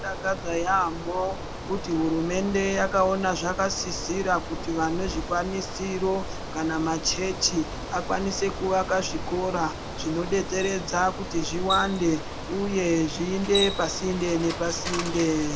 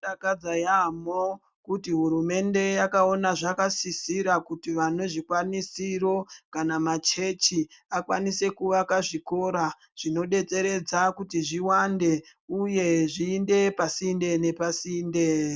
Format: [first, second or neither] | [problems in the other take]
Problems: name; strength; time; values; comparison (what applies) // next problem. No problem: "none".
second | background sound (Bicycle); 7 dB below the speech